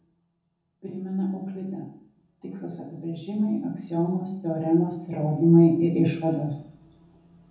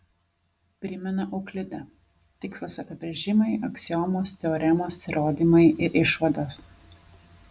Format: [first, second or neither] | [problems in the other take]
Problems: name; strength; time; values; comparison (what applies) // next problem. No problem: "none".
second | room echo; dies away in 0.7 s